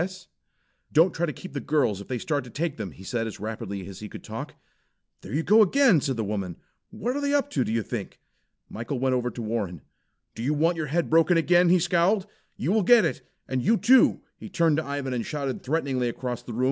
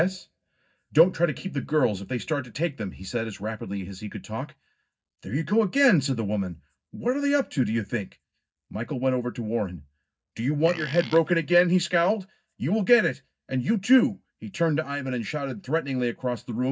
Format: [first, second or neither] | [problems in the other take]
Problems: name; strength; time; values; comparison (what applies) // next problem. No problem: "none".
first | noise reduction (neural mask model DeepFilterNet 3)